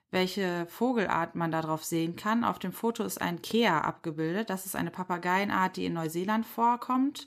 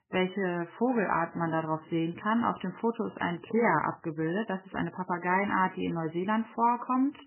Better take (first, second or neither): first